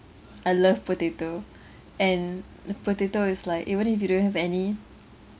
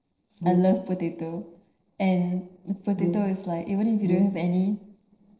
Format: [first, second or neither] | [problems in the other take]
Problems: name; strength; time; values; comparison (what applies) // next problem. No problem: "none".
first | noise reduction (neural separator model SepFormer DNS4)